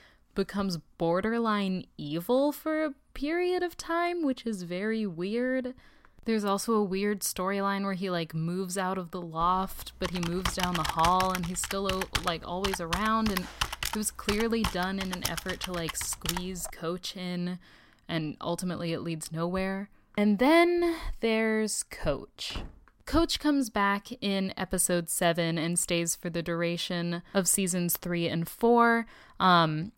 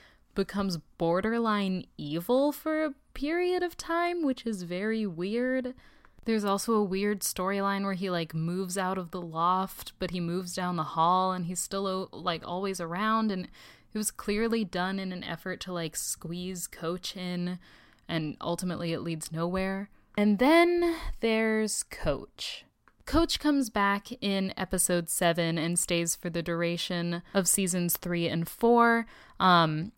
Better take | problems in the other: second | keyboard typing; noticeable; from 9.5 to 17 s; peak 2 dB below the speech // door banging; faint; at 23 s; peak 15 dB below the speech

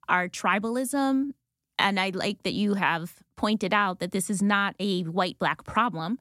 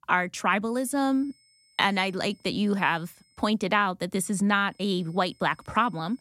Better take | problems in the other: first | high-pitched whine; faint; from 1 to 3.5 s and from 4.5 s on; 5 kHz, 35 dB below the speech

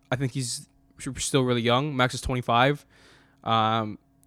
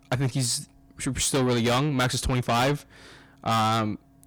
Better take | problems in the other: first | distortion; heavy; 6 dB below the speech

